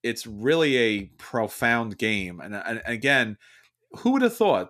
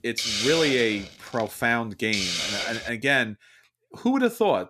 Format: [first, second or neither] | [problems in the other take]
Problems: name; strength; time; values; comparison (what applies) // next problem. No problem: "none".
first | hiss; loud; until 3 s; 2 dB below the speech